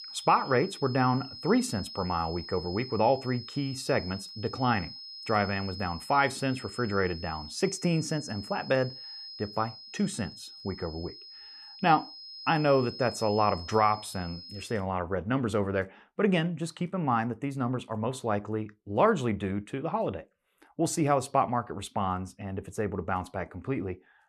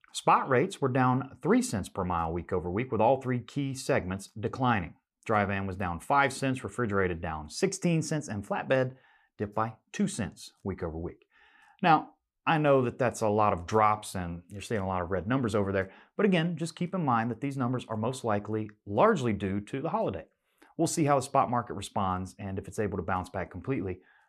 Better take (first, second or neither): second